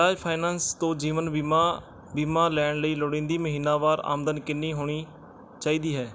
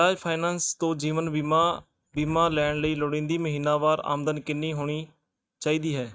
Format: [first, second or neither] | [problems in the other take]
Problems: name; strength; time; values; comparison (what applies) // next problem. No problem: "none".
first | noise reduction (neural mask model RNNoise)